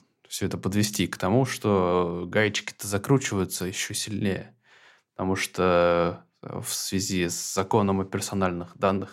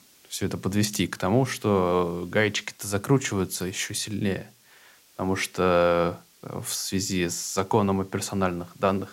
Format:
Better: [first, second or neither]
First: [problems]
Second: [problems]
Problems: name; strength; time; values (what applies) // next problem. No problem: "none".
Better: first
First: none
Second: hiss; faint; throughout; 30 dB below the speech